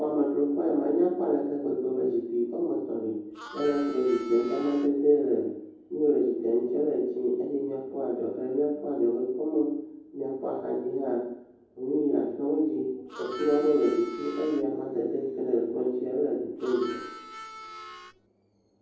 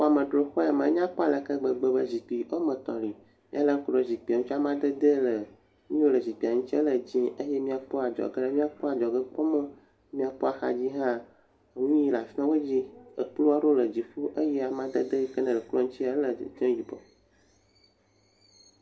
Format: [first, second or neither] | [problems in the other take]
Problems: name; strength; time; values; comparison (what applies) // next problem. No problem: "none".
second | background sound (Harmonica); 15 dB below the speech // room echo; dies away in 0.9 s